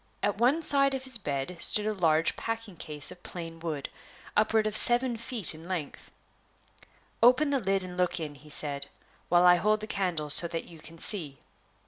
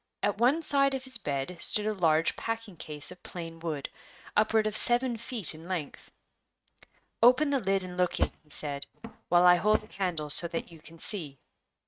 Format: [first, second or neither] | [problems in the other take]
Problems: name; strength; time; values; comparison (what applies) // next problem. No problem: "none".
first | noise reduction (neural mask model RNNoise)